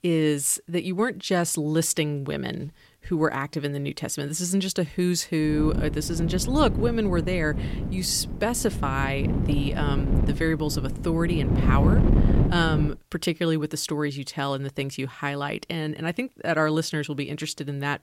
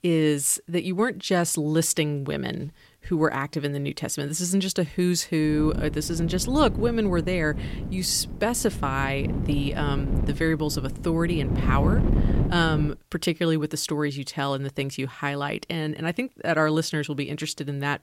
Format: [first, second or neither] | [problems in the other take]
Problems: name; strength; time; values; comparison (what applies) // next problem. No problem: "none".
second | wind noise on the microphone; heavy; from 5.5 to 13 s; 7 dB below the speech; occasional gusts in the second